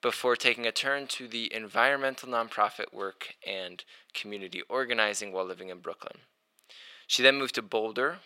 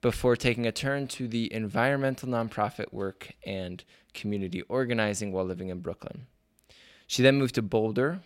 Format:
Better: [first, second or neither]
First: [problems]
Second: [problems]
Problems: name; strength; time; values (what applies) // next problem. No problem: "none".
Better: second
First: thin; somewhat; fading below 450 Hz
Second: none